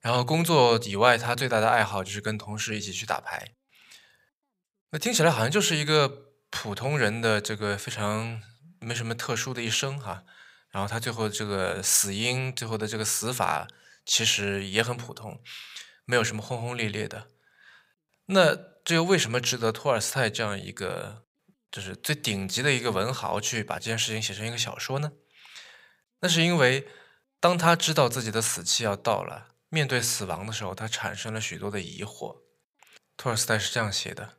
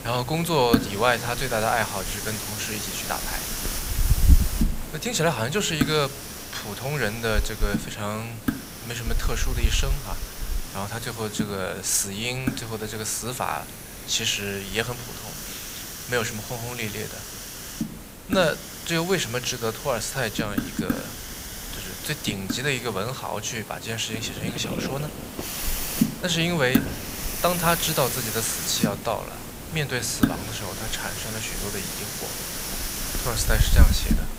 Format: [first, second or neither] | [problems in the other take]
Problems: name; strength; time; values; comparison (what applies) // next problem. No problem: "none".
first | hiss; loud; throughout; 2 dB below the speech